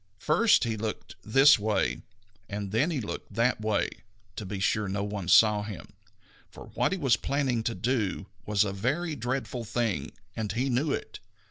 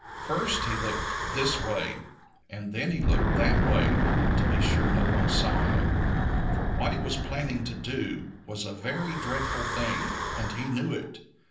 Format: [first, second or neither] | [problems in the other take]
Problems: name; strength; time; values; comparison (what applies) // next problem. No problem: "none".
first | background sound (Wind / Breathing); 5 dB above the speech // room echo; dies away in 0.6 s